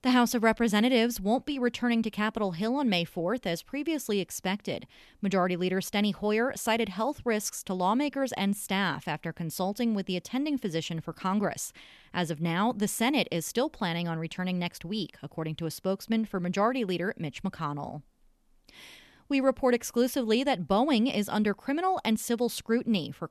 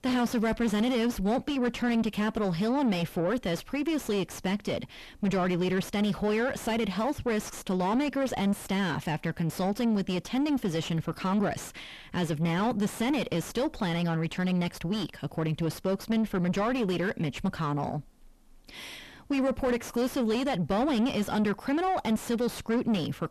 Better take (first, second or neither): first